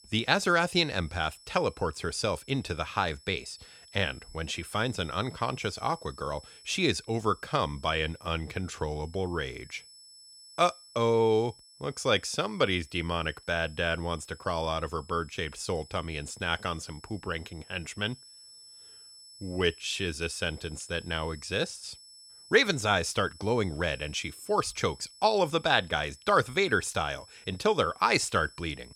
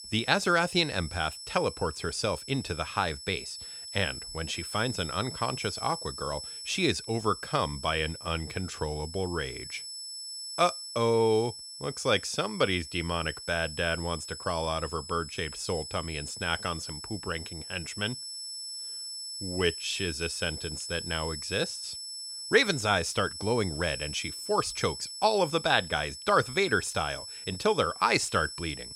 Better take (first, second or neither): first